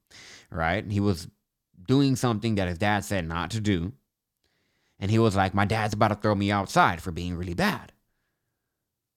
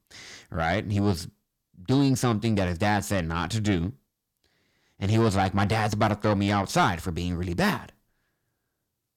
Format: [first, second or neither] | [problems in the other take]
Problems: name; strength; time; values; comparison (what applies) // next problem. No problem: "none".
first | distortion; slight; 10 dB below the speech